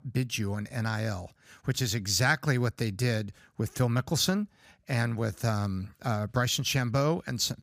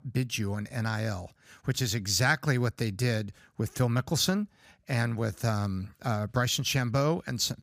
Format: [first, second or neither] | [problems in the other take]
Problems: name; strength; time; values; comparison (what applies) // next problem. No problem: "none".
neither | none